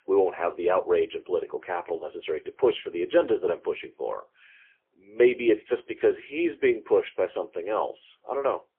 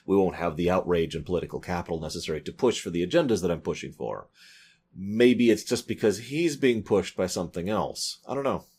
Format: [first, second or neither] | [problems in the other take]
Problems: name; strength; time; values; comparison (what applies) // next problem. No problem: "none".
second | phone-call audio; poor line; nothing above 3.5 kHz